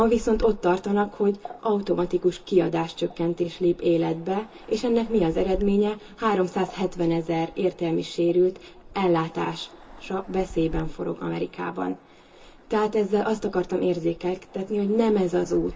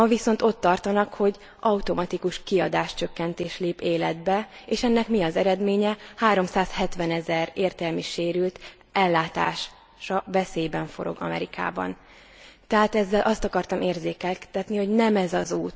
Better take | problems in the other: second | background sound (Waves, surf); 17 dB below the speech // room echo; dies away in 0.2 s

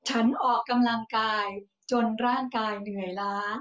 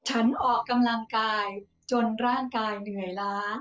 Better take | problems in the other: first | noise reduction (neural separator model SepFormer DNS4)

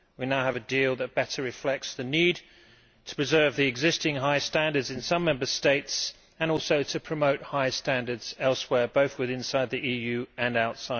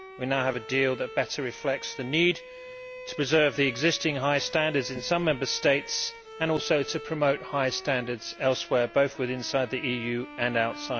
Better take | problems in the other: first | background sound (Bowed string instrument); 16 dB below the speech

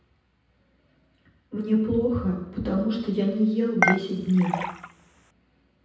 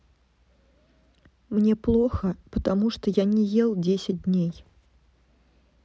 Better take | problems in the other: second | background sound (Dishes, pots, and pans / Chink, clink); 2 dB below the speech // room echo; dies away in 0.9 s

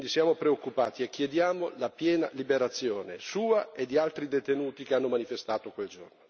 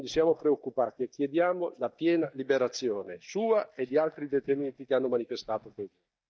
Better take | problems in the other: first | noise reduction (neural mask model DeepFilterNet 3)

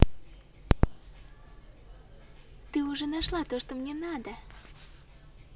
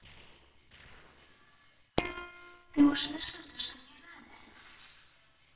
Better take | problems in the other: first | noise reduction (neural separator model SepFormer WHAMR!)

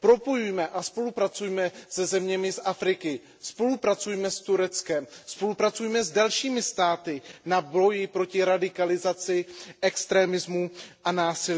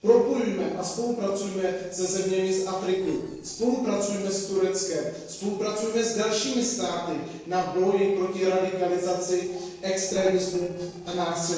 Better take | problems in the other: first | noise reduction (neural separator model SepFormer DNS4)

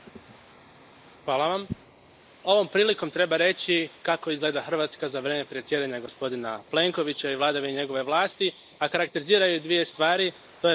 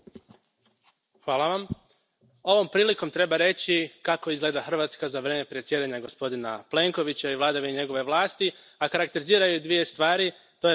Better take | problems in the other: second | noise reduction (neural mask model Resemble Enhance denoiser)

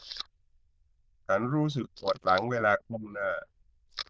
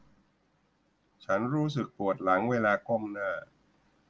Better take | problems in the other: second | noise reduction (neural diffusion model UNIVERSE++)

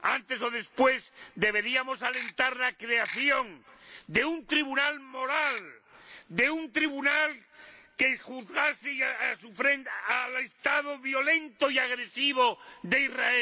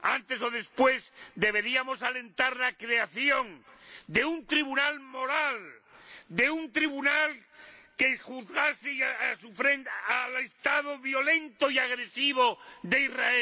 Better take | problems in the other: second | background sound (Ratchet, pawl / Percussion); 10 dB below the speech

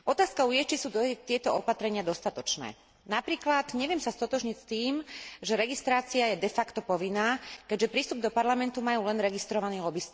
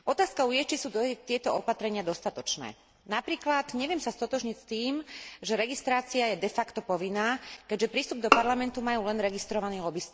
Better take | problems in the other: first | background sound (Bowed string instrument); as loud as the speech

